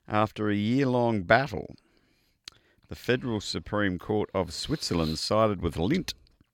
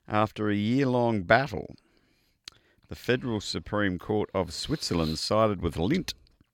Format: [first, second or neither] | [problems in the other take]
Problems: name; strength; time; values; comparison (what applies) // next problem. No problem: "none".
neither | none